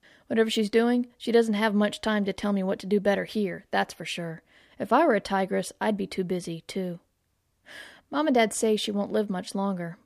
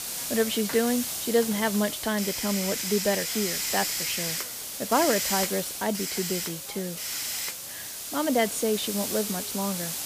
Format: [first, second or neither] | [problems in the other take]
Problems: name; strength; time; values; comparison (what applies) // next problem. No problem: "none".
first | hiss; loud; throughout; 1 dB below the speech